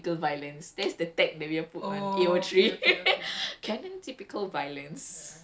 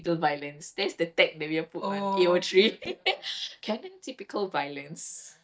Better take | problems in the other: first | noise reduction (neural mask model DeepFilterNet 3)

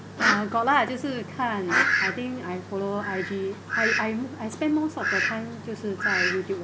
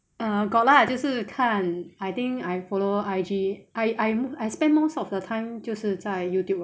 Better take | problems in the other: second | background sound (Fowl); as loud as the speech

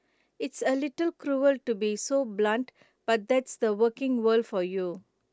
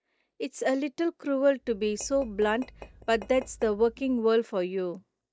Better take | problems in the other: first | noise reduction (neural mask model DeepFilterNet 3)

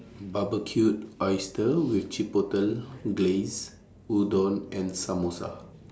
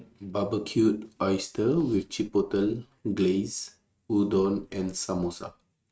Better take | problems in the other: first | noise reduction (neural mask model RNNoise)

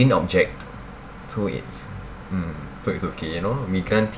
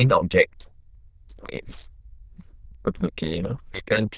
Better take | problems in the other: first | noise reduction (neural diffusion model UNIVERSE++)

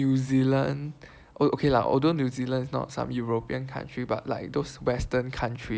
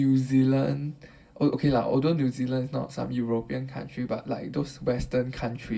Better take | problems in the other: first | room echo; dies away in 0.2 s

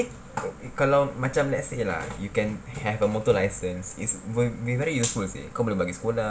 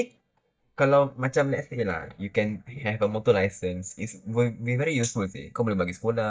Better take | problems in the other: first | noise reduction (neural mask model DeepFilterNet 3)

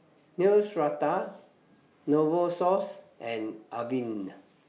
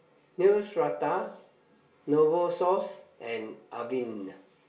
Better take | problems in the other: first | room echo; dies away in 0.2 s

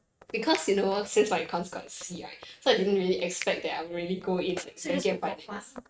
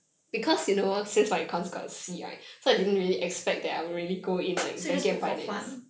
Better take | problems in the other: second | noise reduction (neural mask model RNNoise)

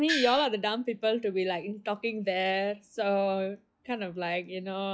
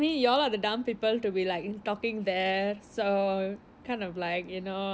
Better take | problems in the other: second | noise reduction (classical method log-MMSE)

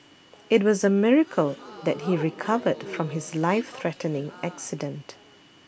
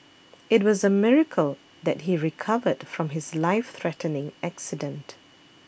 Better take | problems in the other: second | background sound (Crowd / Gasp); 18 dB below the speech

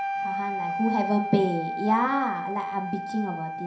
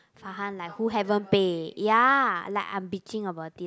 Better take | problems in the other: second | background sound (Wind instrument, woodwind instrument); 4 dB below the speech // room echo; dies away in 0.5 s

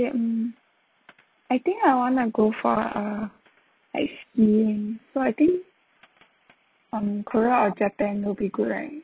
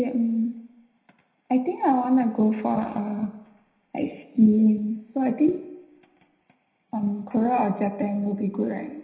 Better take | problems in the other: first | room echo; dies away in 0.9 s

